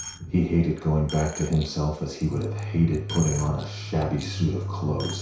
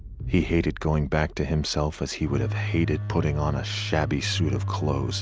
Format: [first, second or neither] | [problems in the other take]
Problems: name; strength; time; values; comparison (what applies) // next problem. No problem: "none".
second | background sound (Coin (dropping)); 17 dB below the speech // room echo; dies away in 0.6 s